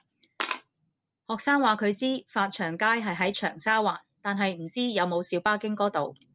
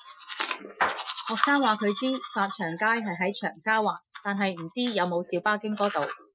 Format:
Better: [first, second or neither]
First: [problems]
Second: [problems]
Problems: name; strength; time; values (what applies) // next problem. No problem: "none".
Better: first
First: none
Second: noise reduction (classical method Wiener filter)